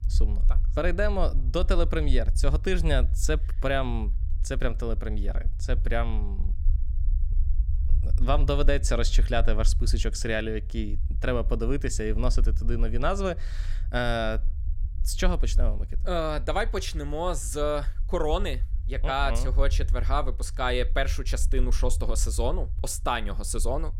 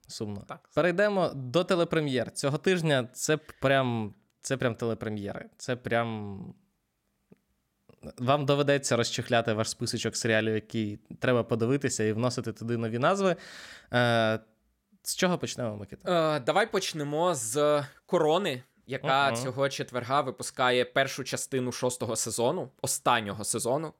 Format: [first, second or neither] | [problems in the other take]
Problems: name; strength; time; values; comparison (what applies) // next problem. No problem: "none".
second | low rumble; faint; throughout; 20 dB below the speech